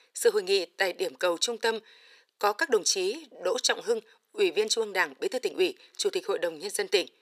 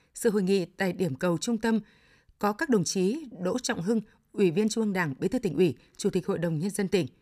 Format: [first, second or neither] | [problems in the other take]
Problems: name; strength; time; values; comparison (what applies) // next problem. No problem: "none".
second | thin; very; fading below 450 Hz